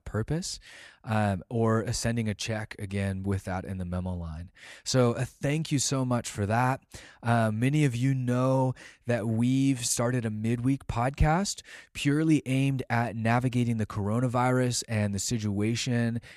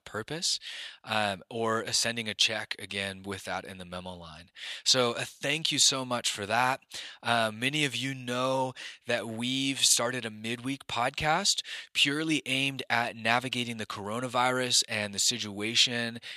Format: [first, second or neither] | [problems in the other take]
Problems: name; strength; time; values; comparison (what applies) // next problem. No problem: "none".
first | thin; somewhat; fading below 900 Hz